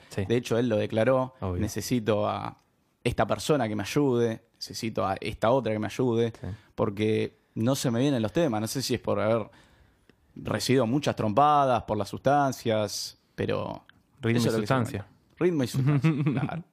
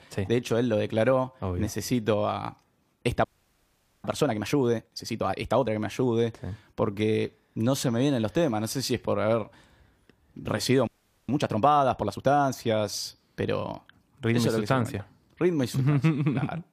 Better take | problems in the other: first | audio freezing; at 3 s for 1 s and at 11 s

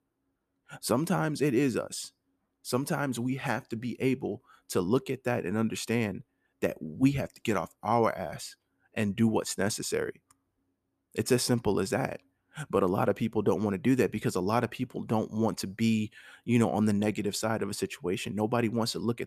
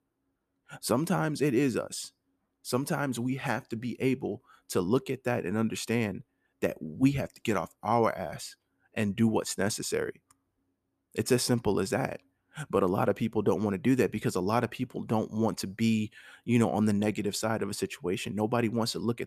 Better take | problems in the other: neither | none

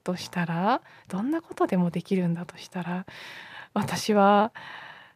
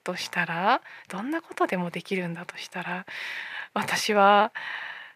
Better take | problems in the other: first | thin; somewhat; fading below 500 Hz

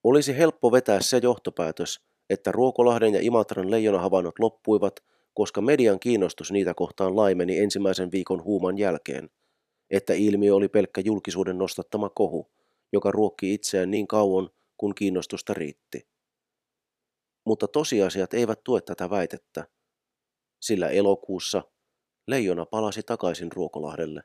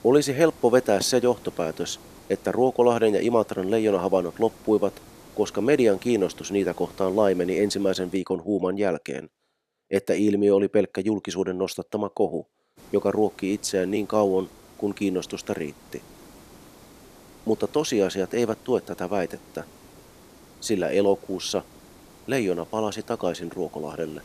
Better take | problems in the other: first | hiss; faint; until 8 s and from 13 s on; 25 dB below the speech

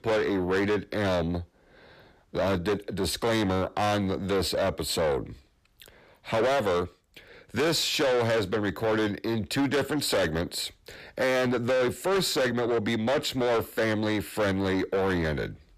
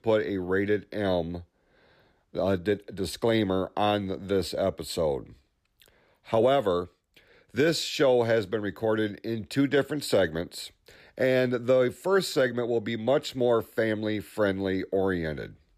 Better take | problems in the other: second | distortion; heavy; 6 dB below the speech

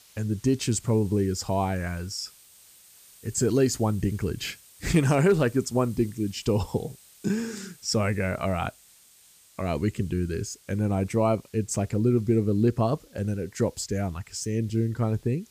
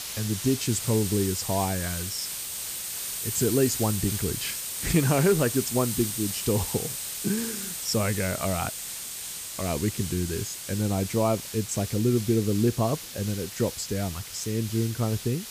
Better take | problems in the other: first | hiss; loud; throughout; 4 dB below the speech; faint in the first

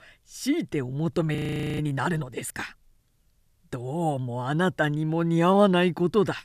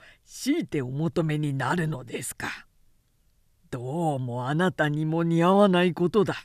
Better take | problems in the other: second | audio freezing; at 1.5 s

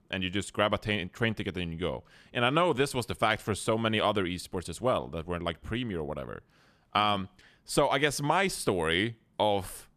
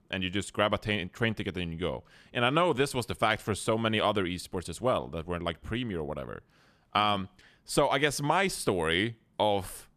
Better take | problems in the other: neither | none

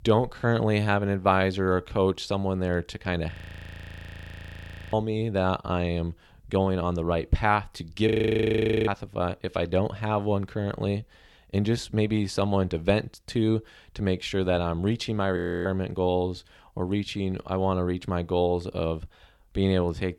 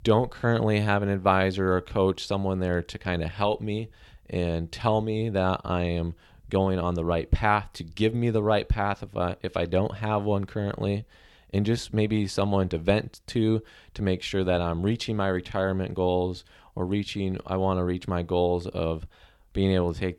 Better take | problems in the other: second | audio freezing; at 3.5 s for 1.5 s, at 8 s for 1 s and at 15 s

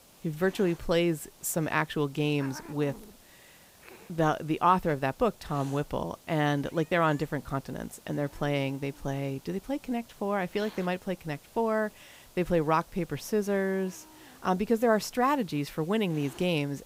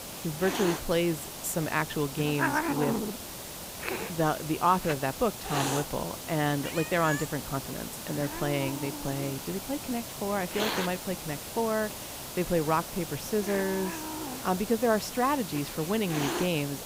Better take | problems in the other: first | hiss; loud; throughout; 5 dB below the speech; faint in the first

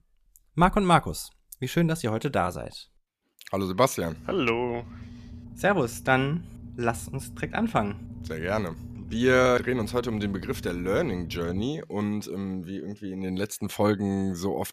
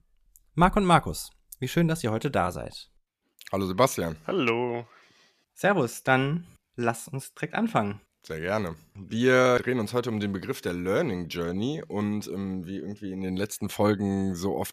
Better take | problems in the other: second | low rumble; faint; from 4 to 12 s; 25 dB below the speech

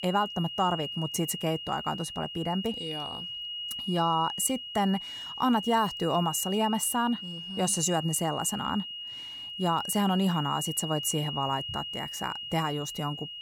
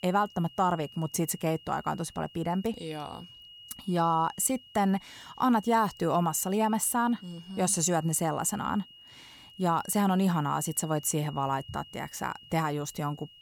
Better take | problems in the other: second | high-pitched whine; loud; throughout; 3 kHz, 6 dB below the speech; faint in the second

